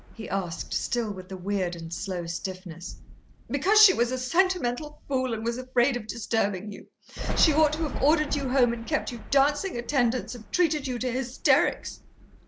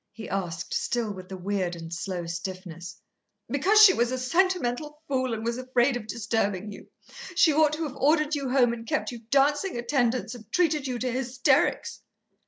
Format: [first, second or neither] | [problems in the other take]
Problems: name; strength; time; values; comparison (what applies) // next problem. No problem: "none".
second | background sound (Thunder); 12 dB below the speech